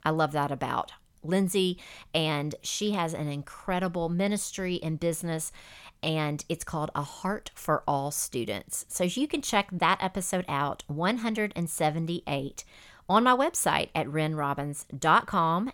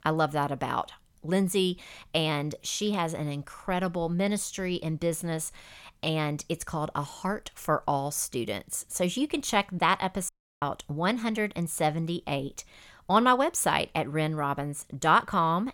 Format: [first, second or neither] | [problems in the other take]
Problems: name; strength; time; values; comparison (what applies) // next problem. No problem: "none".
first | audio cutting out; at 10 s